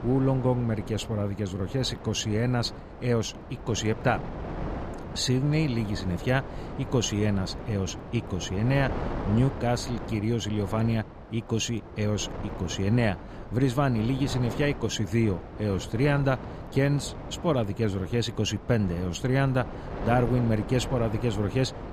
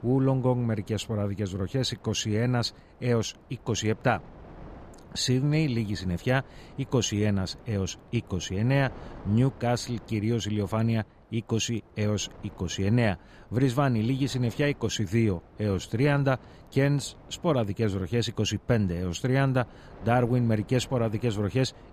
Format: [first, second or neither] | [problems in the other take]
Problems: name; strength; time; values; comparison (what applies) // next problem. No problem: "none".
second | wind noise on the microphone; heavy; 10 dB below the speech; occasional gusts in the second